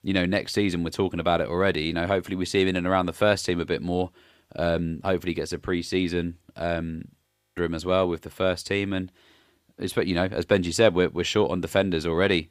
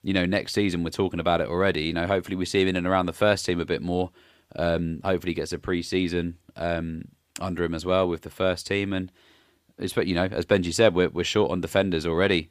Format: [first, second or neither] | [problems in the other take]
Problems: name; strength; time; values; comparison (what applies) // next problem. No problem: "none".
second | audio freezing; at 7.5 s